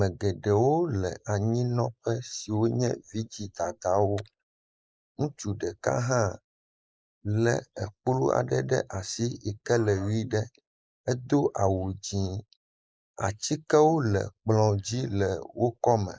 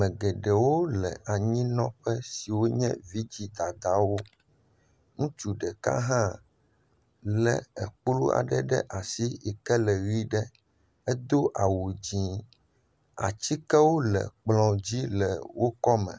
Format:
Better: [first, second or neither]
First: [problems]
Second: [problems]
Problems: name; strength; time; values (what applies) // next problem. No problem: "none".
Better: second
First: noise reduction (neural mask model Resemble Enhance denoiser)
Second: none